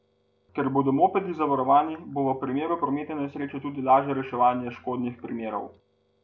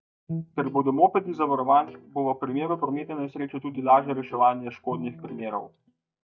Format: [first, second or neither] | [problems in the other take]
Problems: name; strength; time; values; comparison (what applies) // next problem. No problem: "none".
first | noise reduction (neural mask model DeepFilterNet 3)